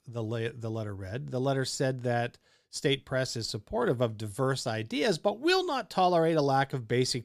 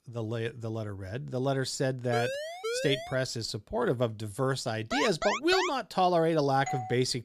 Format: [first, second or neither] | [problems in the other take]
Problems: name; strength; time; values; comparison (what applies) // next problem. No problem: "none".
first | siren; noticeable; from 2 to 3 s; peak 4 dB below the speech // alarm; noticeable; at 5 s; peak 1 dB below the speech // doorbell; noticeable; at 6.5 s; peak 7 dB below the speech